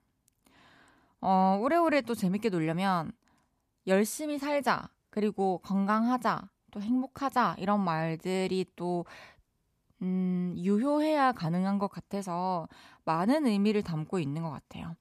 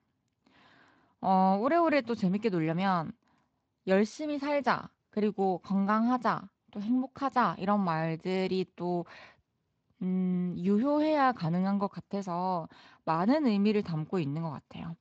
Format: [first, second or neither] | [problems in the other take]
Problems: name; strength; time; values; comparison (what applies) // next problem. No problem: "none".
first | garbled, watery; slightly; nothing above 8 kHz